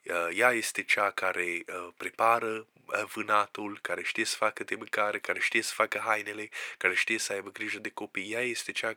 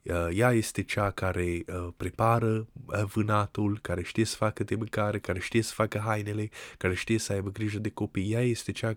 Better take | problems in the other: second | thin; very; fading below 500 Hz

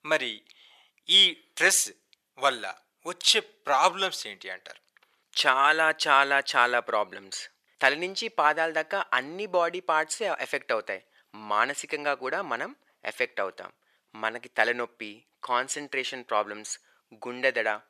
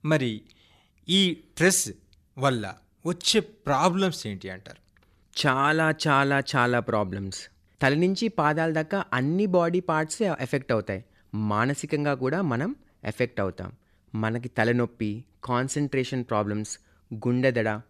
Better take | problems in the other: second | thin; very; fading below 700 Hz

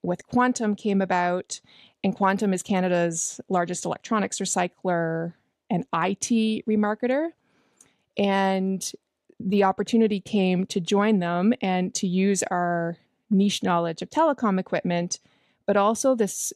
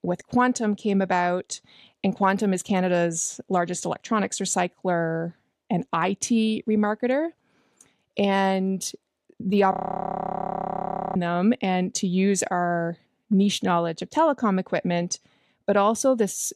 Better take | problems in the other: first | audio freezing; at 9.5 s for 1.5 s

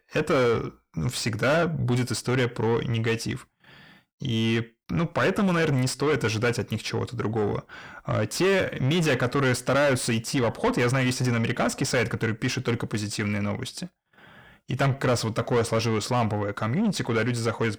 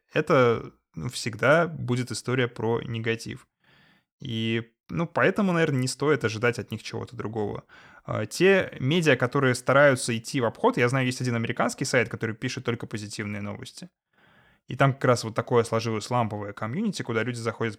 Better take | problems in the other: second | distortion; heavy; 6 dB below the speech

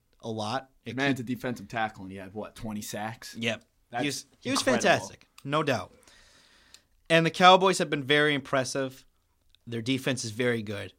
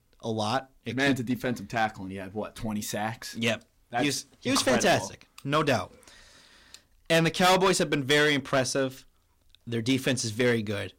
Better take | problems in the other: first | distortion; heavy; 5% of the sound clipped

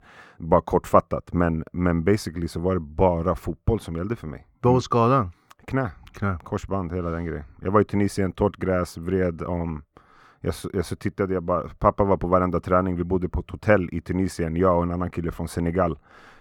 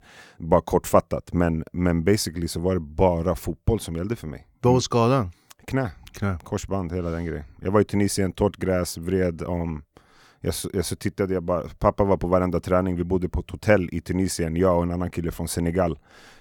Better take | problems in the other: second | muffled; slightly; fading above 3.5 kHz

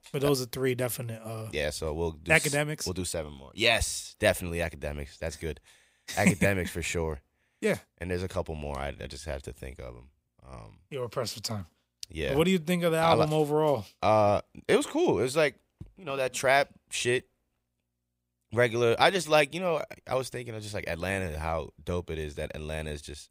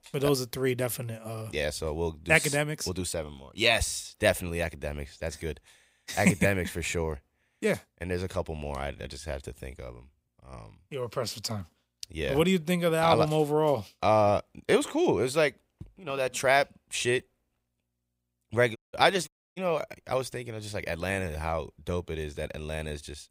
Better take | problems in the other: first | audio cutting out; at 19 s

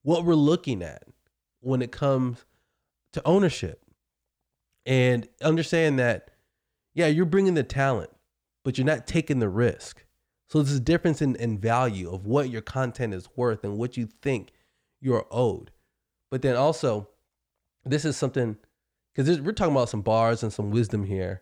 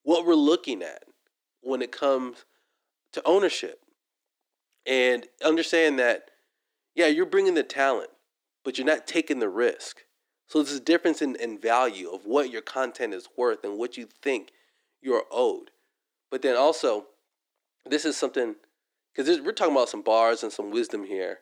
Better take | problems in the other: first | thin; somewhat; fading below 300 Hz

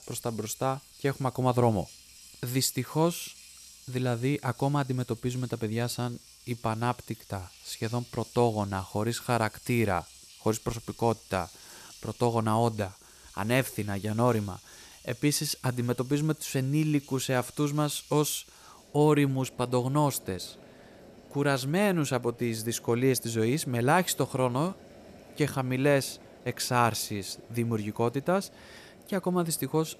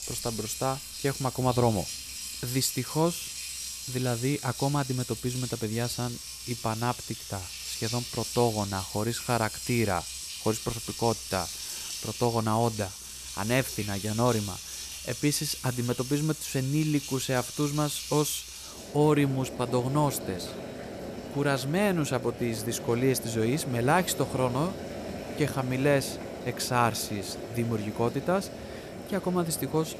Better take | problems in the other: first | household noises; loud; throughout; 8 dB below the speech; faint in the first

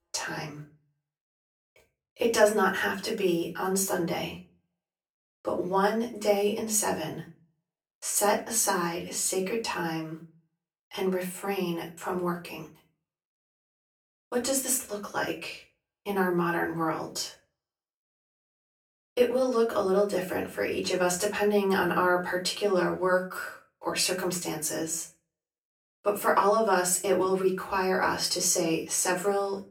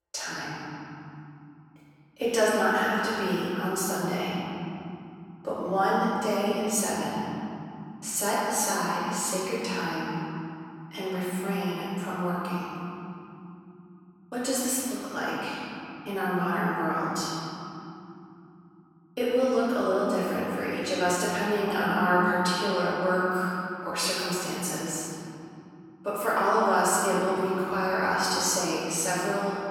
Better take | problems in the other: first | room echo; strong; dies away in 3 s; slight in the first // off-mic speech; far; far in the first

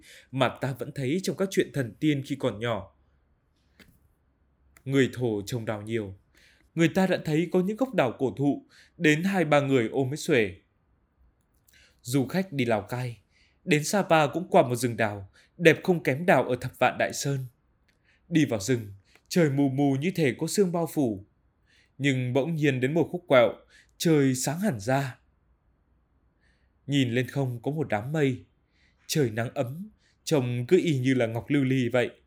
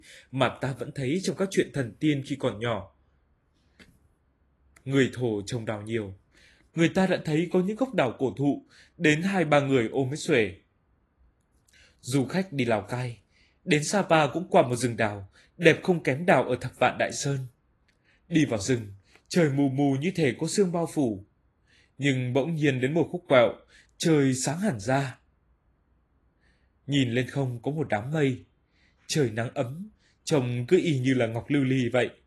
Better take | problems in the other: first | garbled, watery; slightly; nothing above 11.5 kHz

